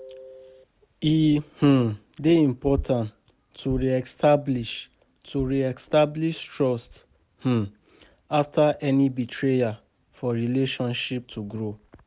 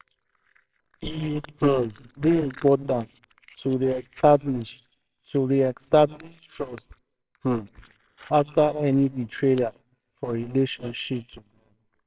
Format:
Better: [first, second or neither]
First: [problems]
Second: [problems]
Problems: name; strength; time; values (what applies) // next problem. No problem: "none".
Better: first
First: none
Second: noise reduction (neural separator model SepFormer WHAMR!)